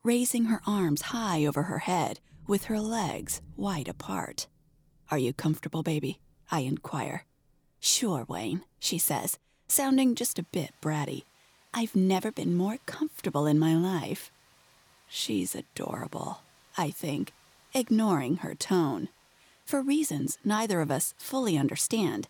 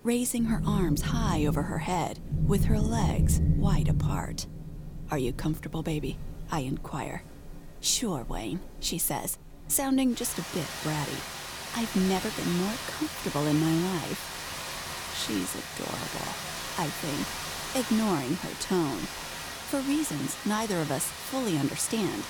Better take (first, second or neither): first